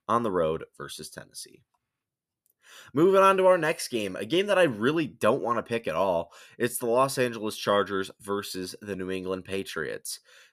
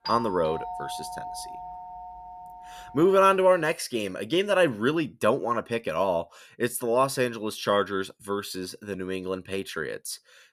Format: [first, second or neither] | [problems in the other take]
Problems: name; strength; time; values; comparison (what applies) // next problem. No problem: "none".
first | doorbell; noticeable; until 3.5 s; peak 8 dB below the speech